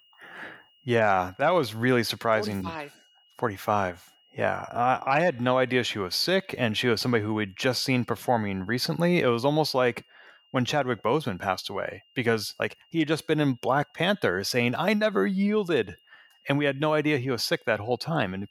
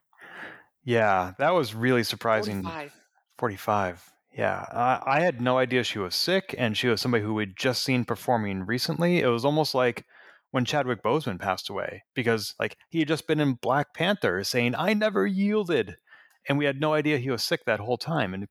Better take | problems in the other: second | high-pitched whine; faint; throughout; 3 kHz, 35 dB below the speech

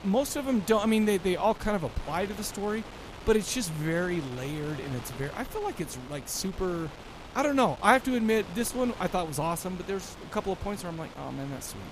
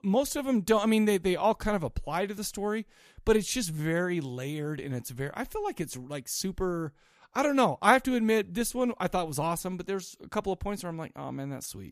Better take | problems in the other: second | wind noise on the microphone; occasional gusts; 15 dB below the speech

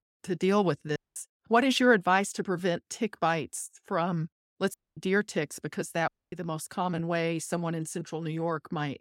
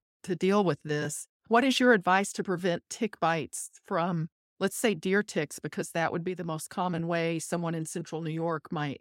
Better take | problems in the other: second | audio cutting out; at 1 s, at 4.5 s and at 6 s

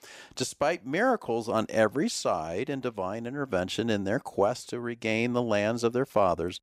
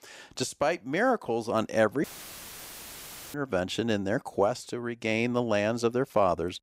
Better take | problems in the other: first | audio cutting out; filled with static; at 2 s for 1.5 s

